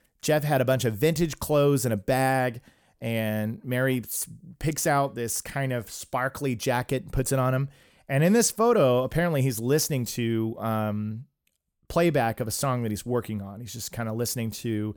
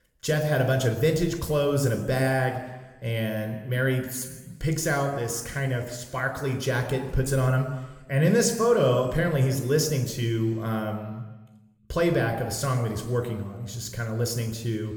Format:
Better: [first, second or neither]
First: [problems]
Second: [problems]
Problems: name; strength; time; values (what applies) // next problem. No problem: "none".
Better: first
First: none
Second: room echo; slight; dies away in 1.1 s